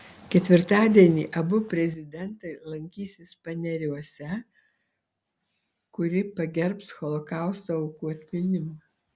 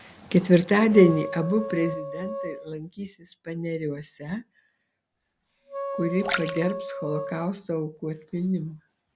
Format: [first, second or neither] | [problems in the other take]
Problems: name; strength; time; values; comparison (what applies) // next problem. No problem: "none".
first | background sound (Wind instrument, woodwind instrument + Splash, splatter); 8 dB below the speech